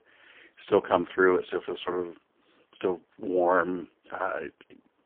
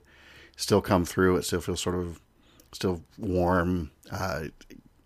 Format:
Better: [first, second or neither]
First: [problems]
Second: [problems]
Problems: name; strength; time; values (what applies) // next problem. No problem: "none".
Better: second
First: phone-call audio; poor line; nothing above 3 kHz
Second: none